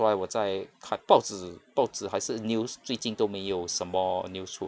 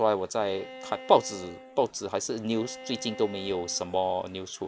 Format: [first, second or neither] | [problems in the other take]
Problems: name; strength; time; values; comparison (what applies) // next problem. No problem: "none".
first | background sound (Bowed string instrument); 17 dB below the speech